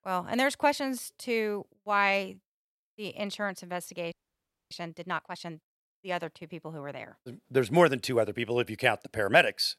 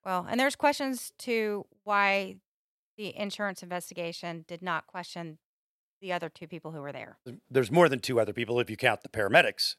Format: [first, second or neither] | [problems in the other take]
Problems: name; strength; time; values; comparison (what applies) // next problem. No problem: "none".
second | audio freezing; at 4 s for 0.5 s